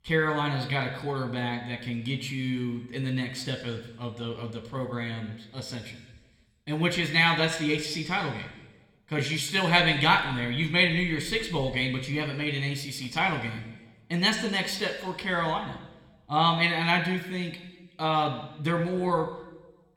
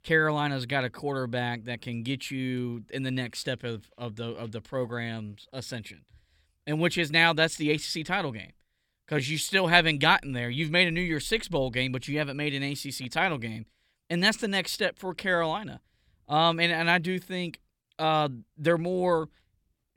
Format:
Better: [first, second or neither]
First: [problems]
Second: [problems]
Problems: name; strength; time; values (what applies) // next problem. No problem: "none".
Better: second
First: room echo; slight; dies away in 1.1 s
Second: none